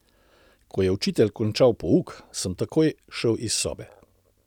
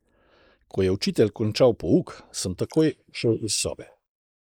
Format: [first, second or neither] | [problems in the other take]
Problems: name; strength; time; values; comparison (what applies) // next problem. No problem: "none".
first | noise reduction (neural mask model Resemble Enhance denoiser)